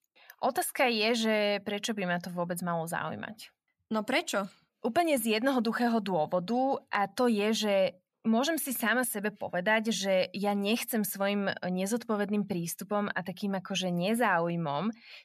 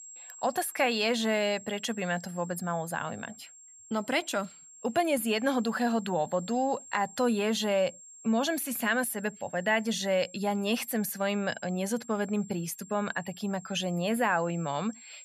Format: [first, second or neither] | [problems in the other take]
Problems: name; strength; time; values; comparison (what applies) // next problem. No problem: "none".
first | high-pitched whine; noticeable; throughout; 7.5 kHz, 20 dB below the speech